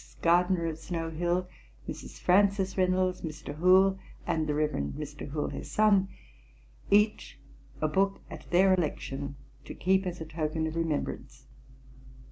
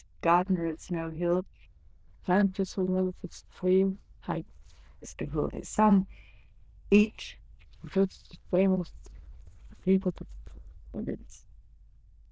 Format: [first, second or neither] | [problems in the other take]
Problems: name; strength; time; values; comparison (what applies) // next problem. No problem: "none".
first | noise reduction (neural diffusion model UNIVERSE++)